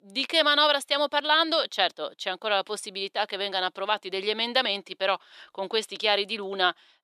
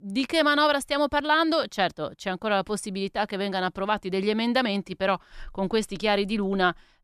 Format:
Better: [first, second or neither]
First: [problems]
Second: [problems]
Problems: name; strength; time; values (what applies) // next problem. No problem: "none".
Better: second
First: thin; somewhat; fading below 450 Hz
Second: none